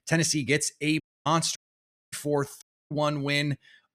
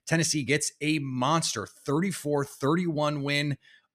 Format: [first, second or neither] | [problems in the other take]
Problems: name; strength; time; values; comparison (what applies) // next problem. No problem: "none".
second | audio cutting out; at 1 s, at 1.5 s for 0.5 s and at 2.5 s